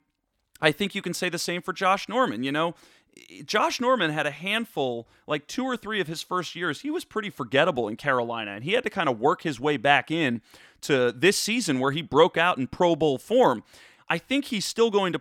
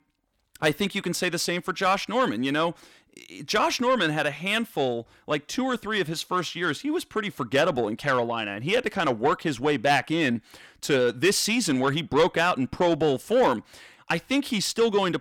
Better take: first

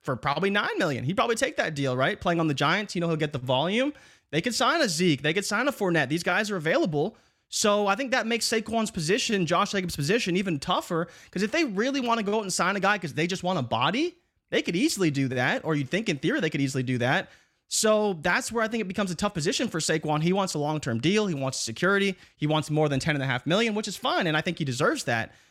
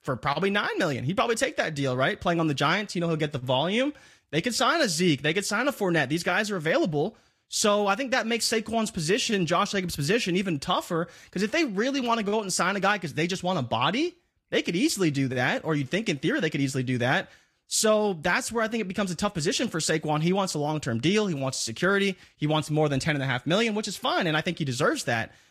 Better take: first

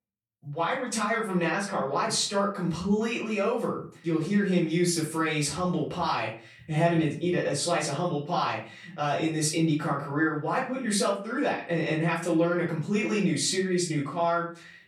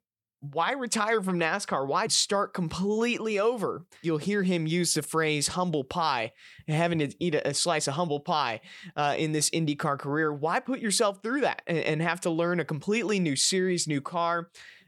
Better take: second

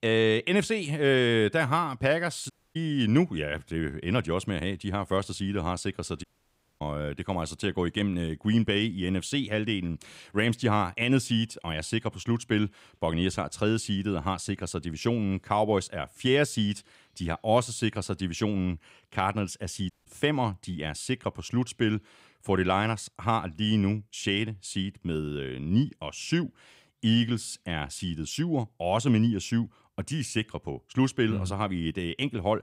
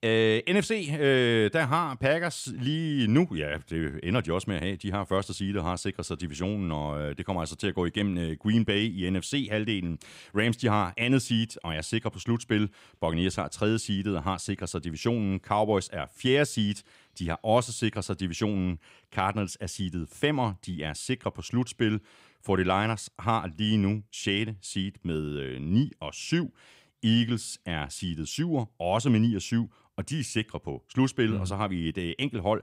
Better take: second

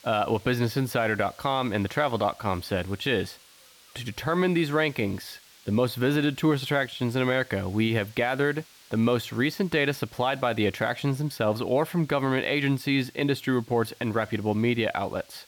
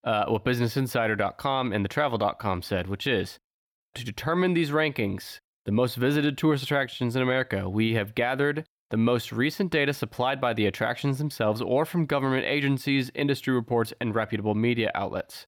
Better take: second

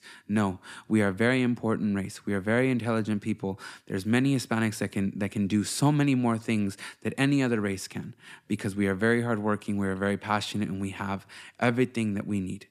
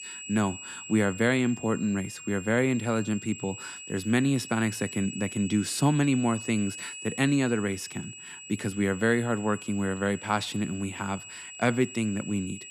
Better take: first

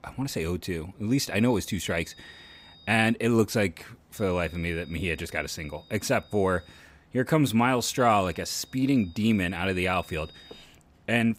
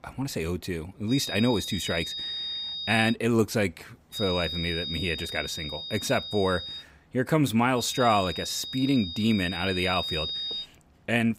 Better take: first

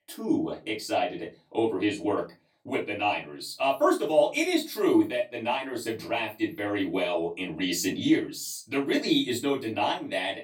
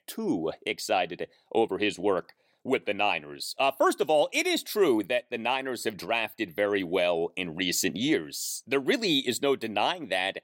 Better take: second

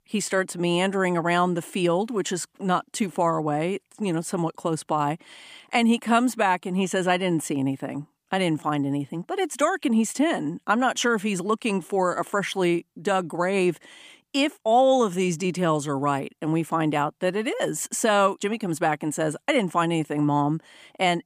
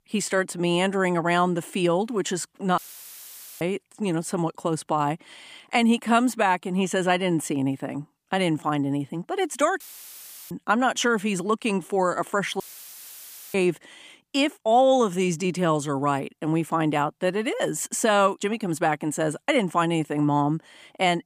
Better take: first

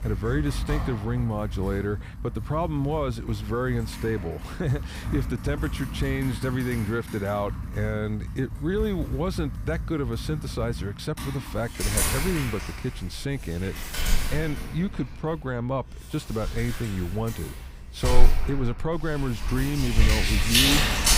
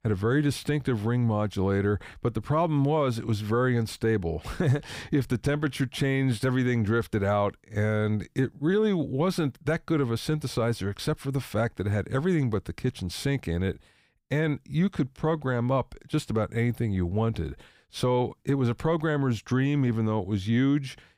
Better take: second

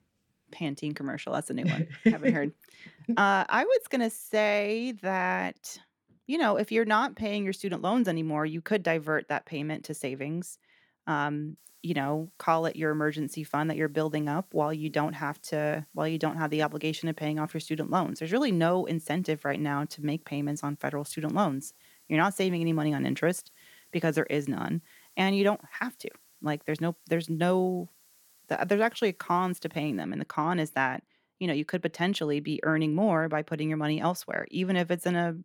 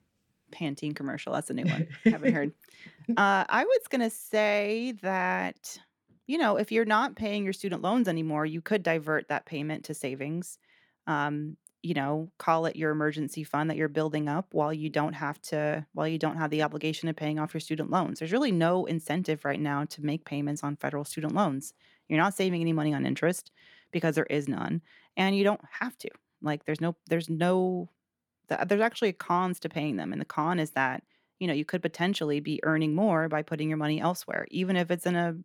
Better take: second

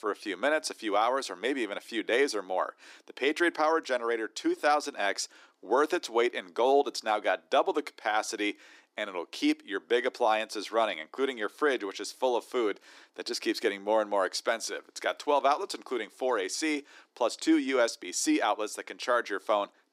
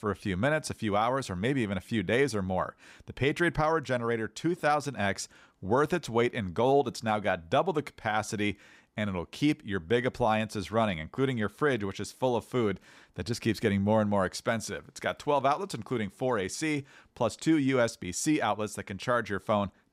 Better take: second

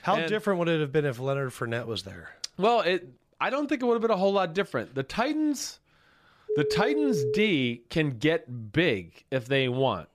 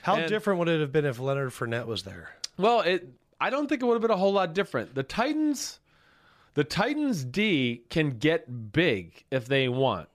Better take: second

